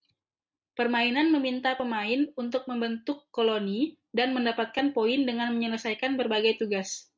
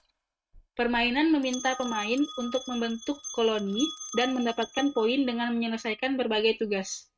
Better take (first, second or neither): first